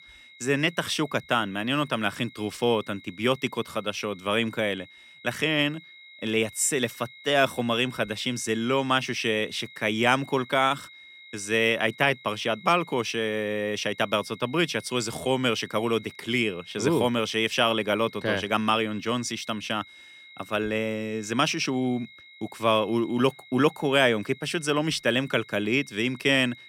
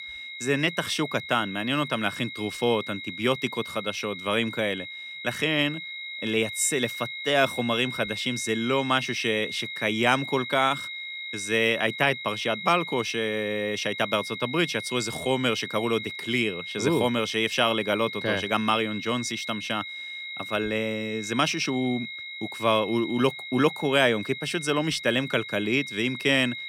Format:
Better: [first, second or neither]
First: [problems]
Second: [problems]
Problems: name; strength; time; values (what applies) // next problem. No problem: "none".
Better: first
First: high-pitched whine; faint; throughout; 2 kHz, 20 dB below the speech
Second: high-pitched whine; loud; throughout; 2 kHz, 9 dB below the speech